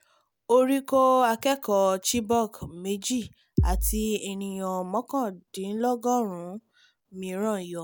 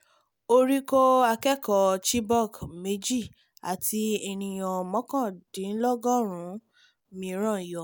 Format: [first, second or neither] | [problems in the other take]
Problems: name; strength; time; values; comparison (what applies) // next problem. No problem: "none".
second | background sound (Bass drum); 2 dB above the speech